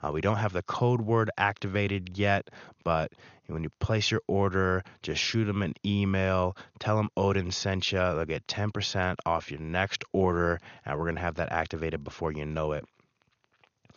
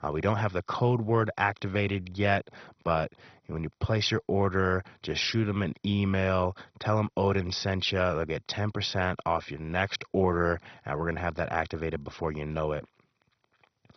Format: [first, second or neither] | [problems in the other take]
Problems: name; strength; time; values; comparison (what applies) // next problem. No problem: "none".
first | garbled, watery; badly; nothing above 6 kHz; slightly in the first